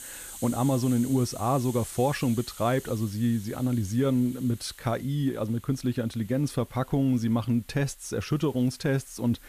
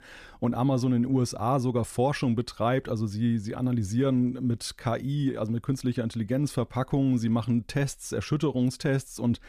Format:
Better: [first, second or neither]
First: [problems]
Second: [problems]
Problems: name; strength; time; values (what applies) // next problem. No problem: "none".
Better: second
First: hiss; noticeable; throughout; 15 dB below the speech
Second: none